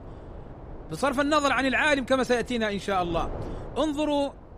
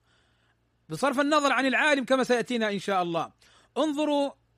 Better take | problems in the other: second | wind noise on the microphone; occasional gusts; 20 dB below the speech

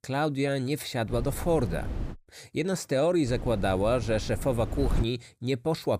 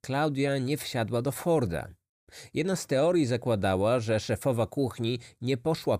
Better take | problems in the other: second | wind noise on the microphone; occasional gusts; from 1 to 2 s and from 3.5 to 5 s; 15 dB below the speech

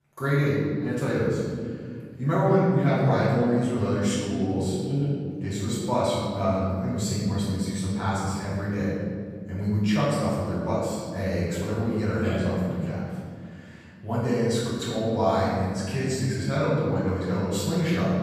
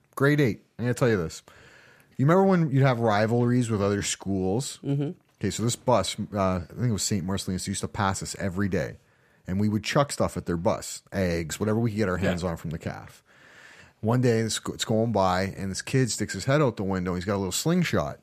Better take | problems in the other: second | room echo; strong; dies away in 2.1 s // off-mic speech; far

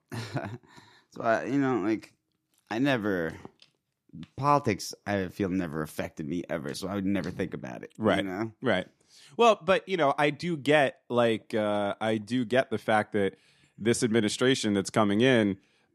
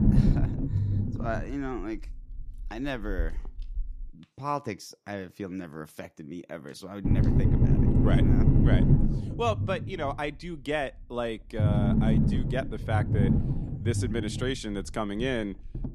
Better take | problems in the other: first | low rumble; loud; until 4 s and from 7 s on; 1 dB below the speech

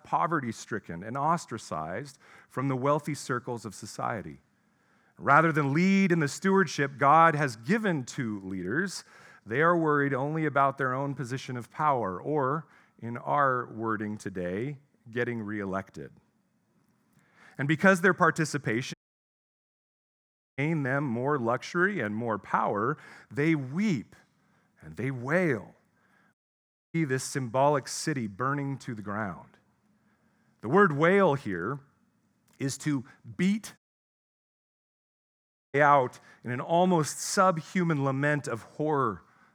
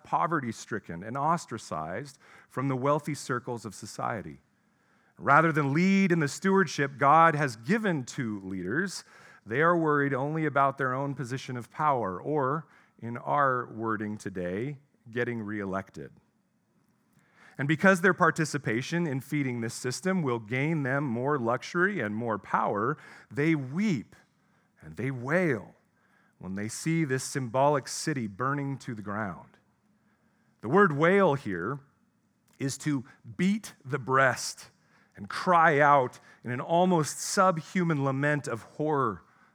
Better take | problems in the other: second | audio cutting out; at 19 s for 1.5 s, at 26 s for 0.5 s and at 34 s for 2 s

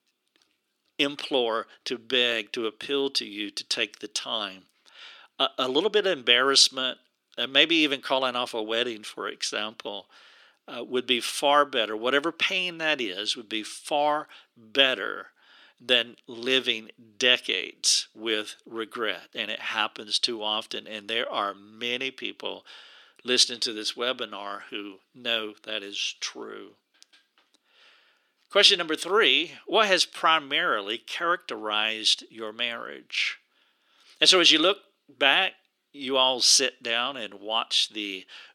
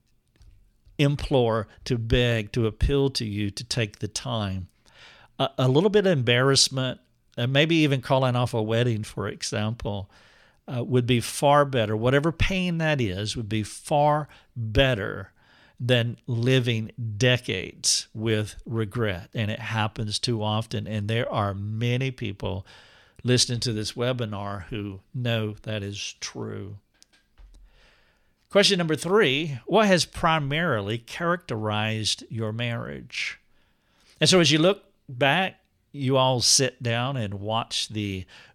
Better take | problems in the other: second | thin; somewhat; fading below 300 Hz

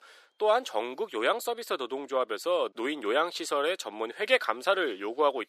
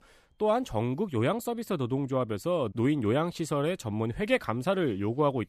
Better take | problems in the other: second | thin; very; fading below 400 Hz

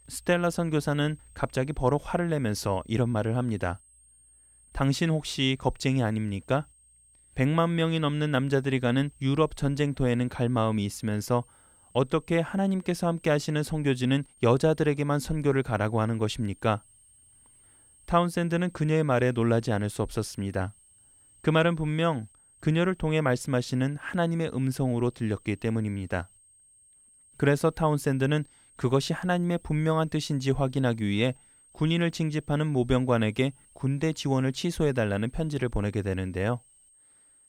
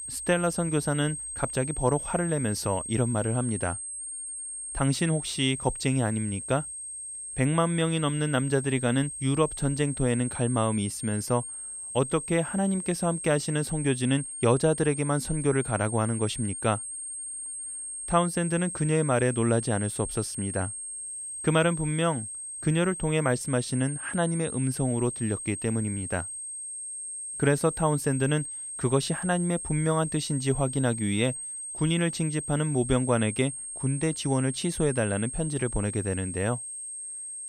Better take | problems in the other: first | high-pitched whine; loud; throughout; 8.5 kHz, 7 dB below the speech; faint in the first

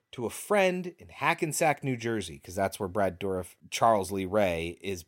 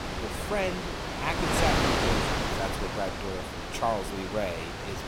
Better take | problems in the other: first | wind noise on the microphone; heavy; 3 dB above the speech

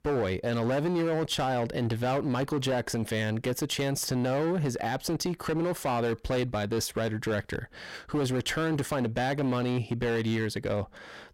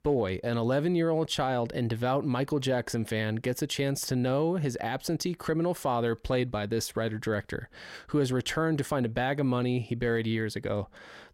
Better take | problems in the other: second | distortion; slight; 19% of the sound clipped

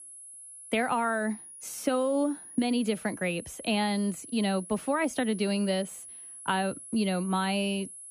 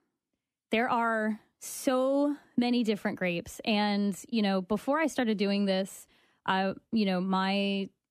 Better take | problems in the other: second | high-pitched whine; noticeable; throughout; 10.5 kHz, 15 dB below the speech

